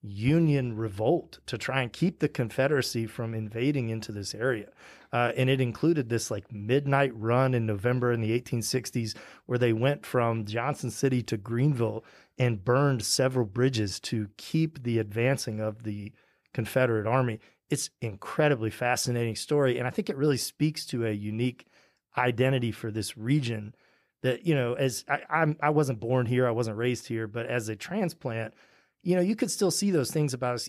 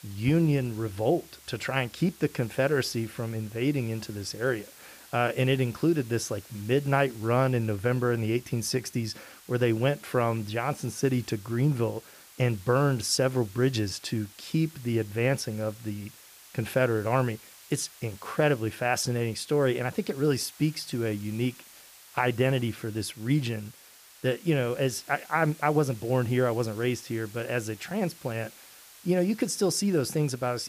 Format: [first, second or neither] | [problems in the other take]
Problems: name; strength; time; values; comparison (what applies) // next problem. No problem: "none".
first | hiss; faint; throughout; 20 dB below the speech